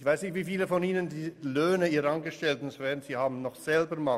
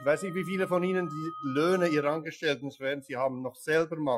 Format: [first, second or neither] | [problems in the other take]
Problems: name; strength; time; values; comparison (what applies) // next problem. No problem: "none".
first | noise reduction (classical method Wiener filter)